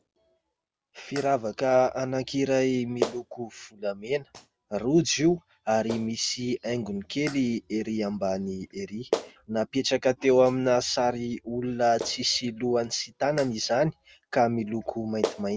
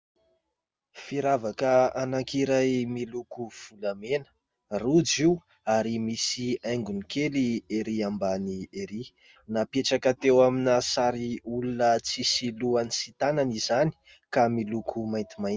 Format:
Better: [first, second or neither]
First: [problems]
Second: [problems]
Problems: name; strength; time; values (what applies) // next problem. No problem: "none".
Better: second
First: background sound (Clapping); 14 dB below the speech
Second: none